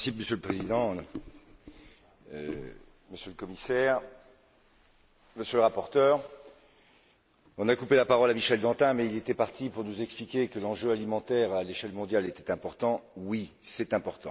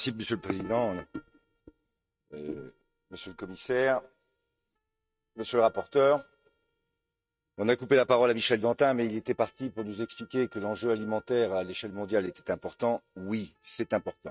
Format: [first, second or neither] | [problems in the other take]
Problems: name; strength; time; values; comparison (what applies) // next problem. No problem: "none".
first | noise reduction (neural mask model RNNoise)